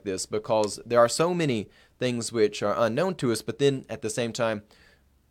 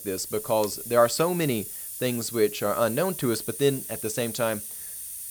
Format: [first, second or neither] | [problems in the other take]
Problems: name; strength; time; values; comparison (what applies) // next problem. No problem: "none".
first | hiss; loud; throughout; 8 dB below the speech